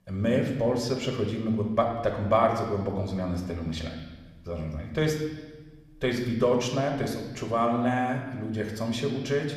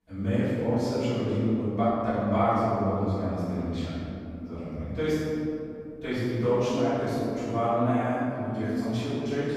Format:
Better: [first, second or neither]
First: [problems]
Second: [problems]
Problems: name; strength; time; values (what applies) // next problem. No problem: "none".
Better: first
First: room echo; slight; dies away in 1.1 s // off-mic speech; somewhat distant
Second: room echo; strong; dies away in 3 s // off-mic speech; far